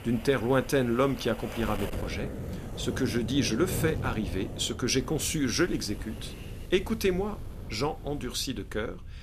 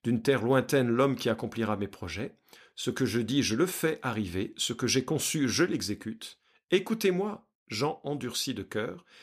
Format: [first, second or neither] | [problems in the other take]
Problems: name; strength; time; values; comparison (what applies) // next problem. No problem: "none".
second | wind noise on the microphone; occasional gusts; 15 dB below the speech